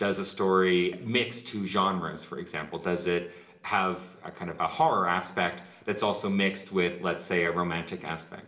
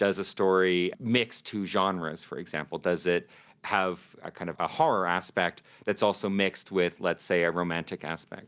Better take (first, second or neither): second